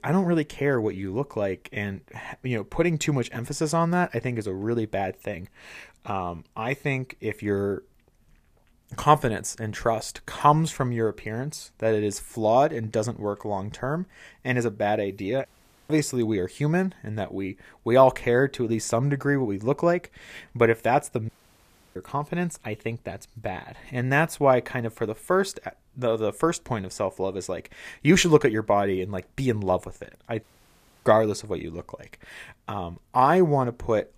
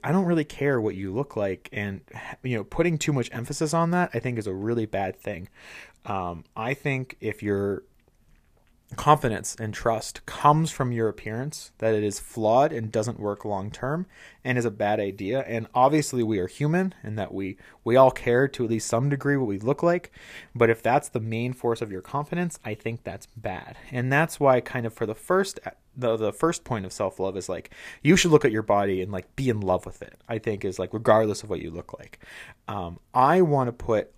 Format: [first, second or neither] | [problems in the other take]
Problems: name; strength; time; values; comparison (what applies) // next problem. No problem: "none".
second | audio cutting out; at 15 s, at 21 s for 0.5 s and at 30 s for 0.5 s